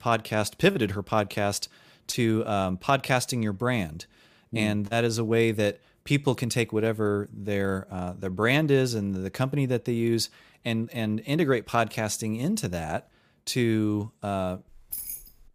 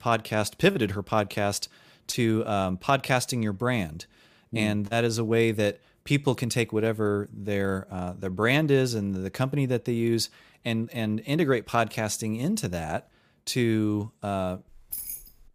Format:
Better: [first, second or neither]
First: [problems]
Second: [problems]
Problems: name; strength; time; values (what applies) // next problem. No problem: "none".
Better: neither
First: jangling keys; noticeable; at 15 s; peak 7 dB below the speech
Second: jangling keys; noticeable; at 15 s; peak 7 dB below the speech